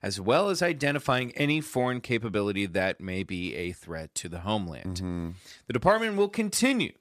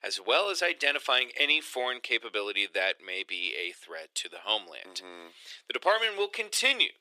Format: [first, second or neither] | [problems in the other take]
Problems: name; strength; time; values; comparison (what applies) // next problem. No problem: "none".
first | thin; very; fading below 400 Hz